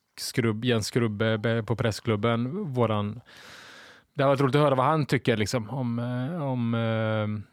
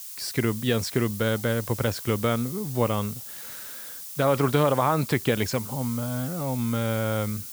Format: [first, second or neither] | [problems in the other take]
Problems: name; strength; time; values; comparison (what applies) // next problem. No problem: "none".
first | hiss; loud; throughout; 10 dB below the speech